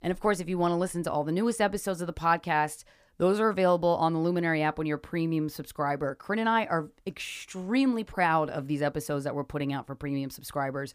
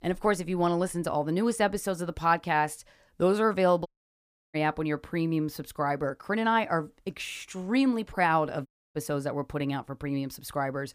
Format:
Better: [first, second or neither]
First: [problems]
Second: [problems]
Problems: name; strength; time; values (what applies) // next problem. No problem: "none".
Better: first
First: none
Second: audio cutting out; at 4 s for 0.5 s and at 8.5 s